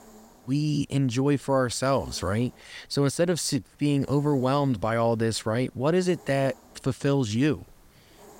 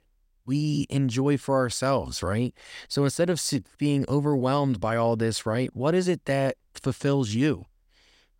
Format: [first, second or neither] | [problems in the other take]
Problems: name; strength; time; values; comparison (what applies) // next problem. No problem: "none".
second | hiss; faint; throughout; 30 dB below the speech